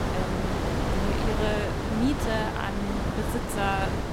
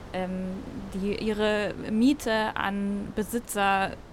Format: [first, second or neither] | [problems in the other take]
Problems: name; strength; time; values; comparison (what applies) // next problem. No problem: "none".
second | wind noise on the microphone; heavy; as loud as the speech; occasional gusts in the second